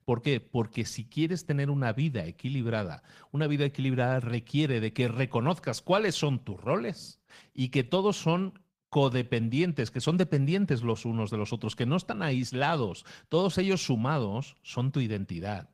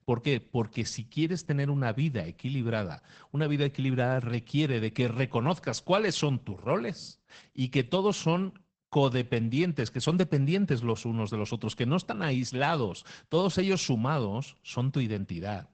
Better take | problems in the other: first | garbled, watery; badly; nothing above 8 kHz; slightly in the first

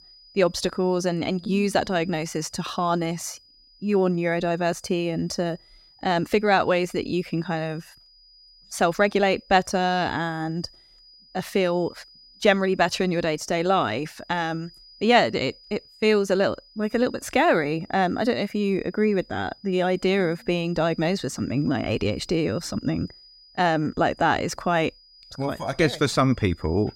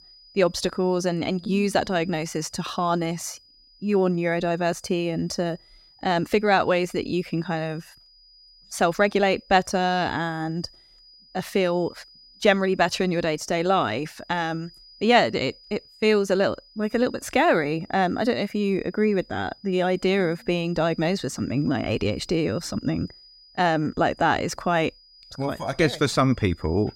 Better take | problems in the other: neither | high-pitched whine; faint; throughout; 5 kHz, 25 dB below the speech; the same in both

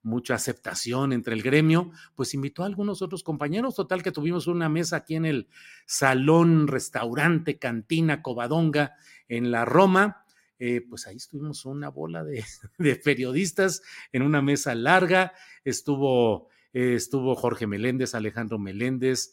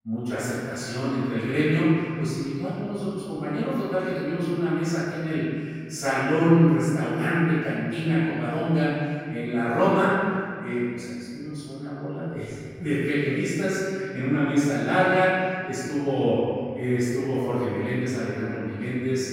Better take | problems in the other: first | room echo; strong; dies away in 2.2 s // off-mic speech; far

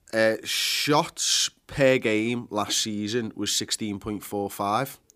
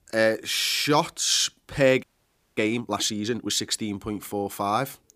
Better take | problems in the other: first | audio freezing; at 2 s for 0.5 s

